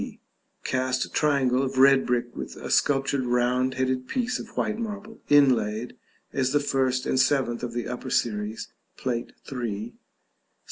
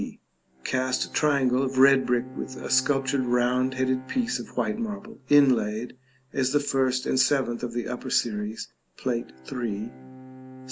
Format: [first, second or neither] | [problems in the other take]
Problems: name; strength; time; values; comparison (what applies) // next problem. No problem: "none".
first | background sound (Bowed string instrument); 18 dB below the speech